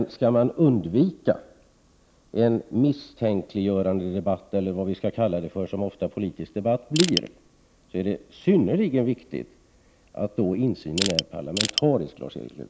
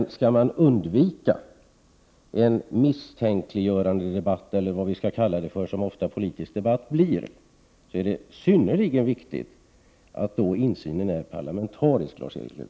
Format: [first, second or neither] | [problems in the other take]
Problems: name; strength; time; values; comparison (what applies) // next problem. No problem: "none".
second | background sound (Crushing); 3 dB below the speech